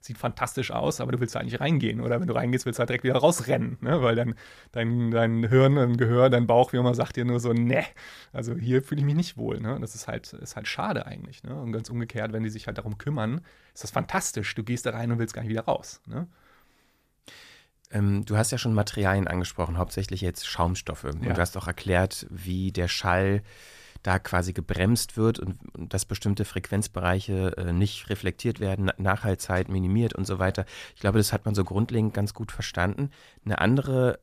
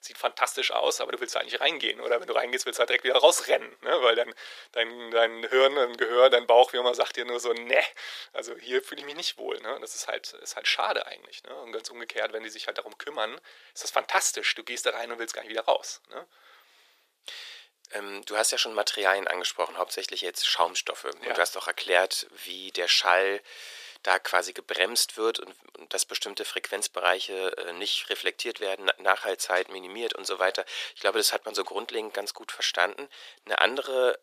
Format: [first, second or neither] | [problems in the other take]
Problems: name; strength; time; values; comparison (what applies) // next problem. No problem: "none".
first | thin; very; fading below 400 Hz